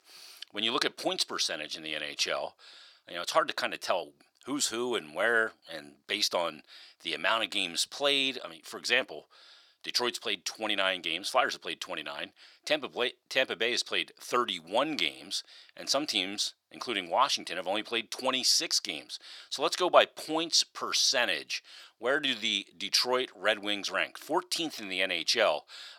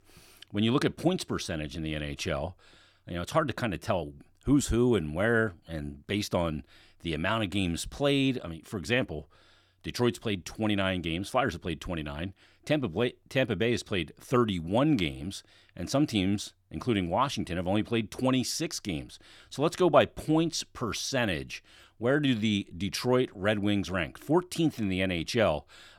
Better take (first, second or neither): second